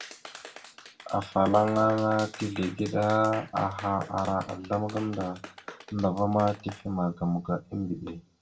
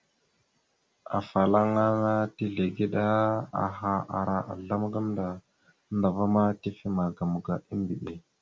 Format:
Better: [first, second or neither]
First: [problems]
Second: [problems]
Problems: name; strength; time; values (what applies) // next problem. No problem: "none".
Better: second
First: background sound (Clapping); 17 dB below the speech // room echo; dies away in 0.1 s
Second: none